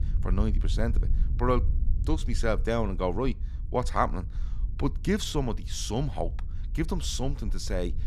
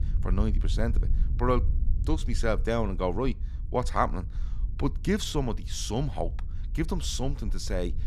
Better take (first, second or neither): neither